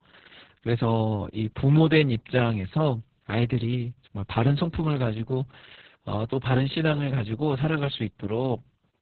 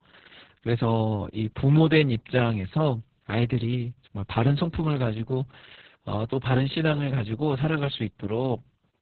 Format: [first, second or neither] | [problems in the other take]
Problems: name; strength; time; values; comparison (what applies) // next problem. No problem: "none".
neither | garbled, watery; badly; nothing above 4 kHz; the same in both